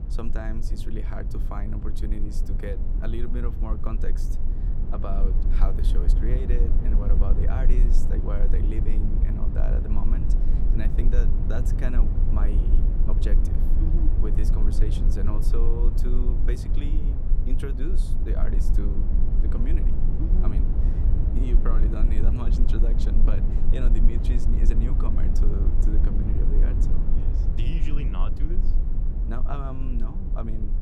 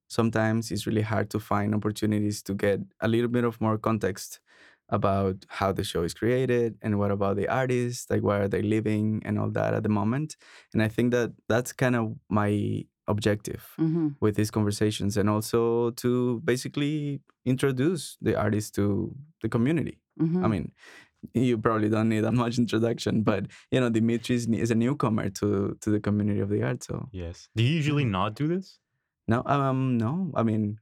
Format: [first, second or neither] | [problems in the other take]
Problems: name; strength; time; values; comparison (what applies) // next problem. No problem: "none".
second | low rumble; loud; throughout; 3 dB below the speech